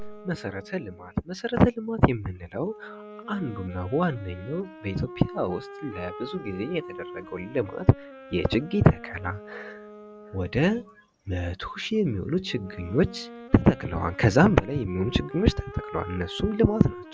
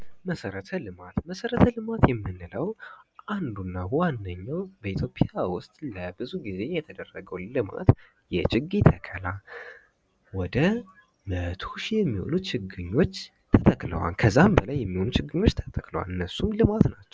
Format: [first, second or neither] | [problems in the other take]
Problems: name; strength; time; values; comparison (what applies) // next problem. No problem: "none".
second | background sound (Wind instrument, woodwind instrument); 17 dB below the speech